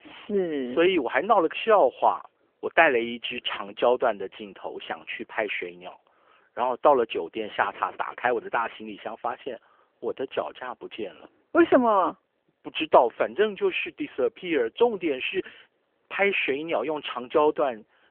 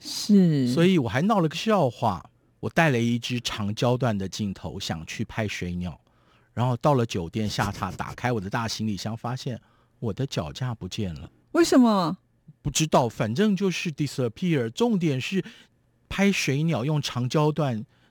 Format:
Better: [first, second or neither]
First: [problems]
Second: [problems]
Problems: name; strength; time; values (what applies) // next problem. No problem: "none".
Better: second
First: phone-call audio; nothing above 3 kHz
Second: none